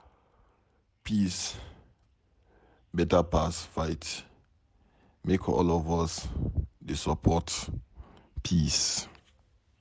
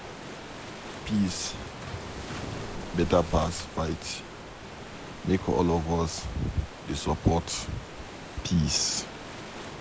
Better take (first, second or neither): first